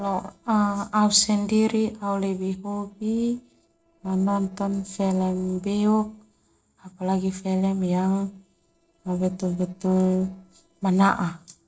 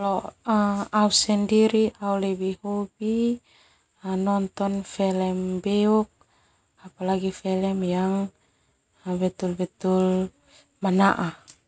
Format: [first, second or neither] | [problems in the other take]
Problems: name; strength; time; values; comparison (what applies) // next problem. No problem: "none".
second | noise reduction (neural separator model SepFormer DNS4)